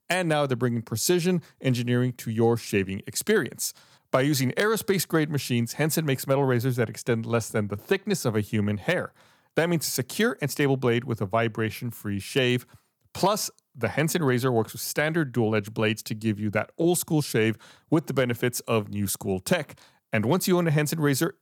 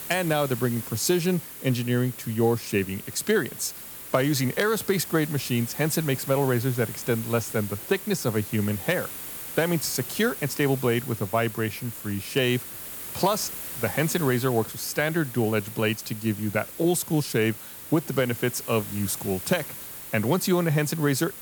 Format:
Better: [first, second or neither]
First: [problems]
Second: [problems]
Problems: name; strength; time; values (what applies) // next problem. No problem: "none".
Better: first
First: none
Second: hiss; loud; throughout; 10 dB below the speech